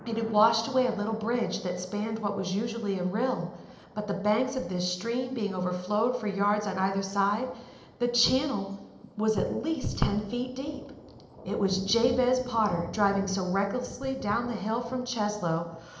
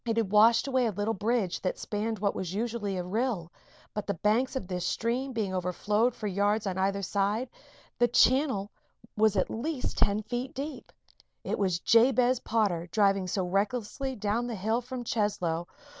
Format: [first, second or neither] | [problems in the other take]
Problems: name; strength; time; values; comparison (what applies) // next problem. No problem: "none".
second | background sound (Thunder); 18 dB below the speech // room echo; dies away in 0.8 s